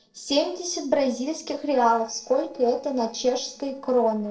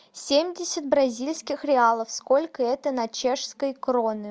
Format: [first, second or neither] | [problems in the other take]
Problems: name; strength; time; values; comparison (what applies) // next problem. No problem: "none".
second | noise reduction (neural separator model SepFormer DNS4)